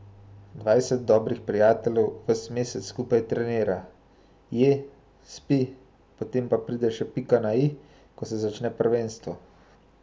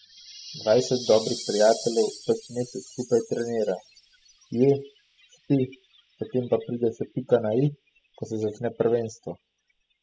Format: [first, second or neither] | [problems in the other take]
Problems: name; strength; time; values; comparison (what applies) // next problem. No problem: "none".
first | noise reduction (classical method spectral subtraction)